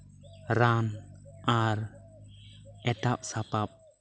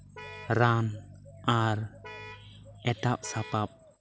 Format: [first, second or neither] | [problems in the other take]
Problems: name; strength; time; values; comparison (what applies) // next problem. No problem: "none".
first | background sound (Vehicle horn, car horn, honking); 17 dB below the speech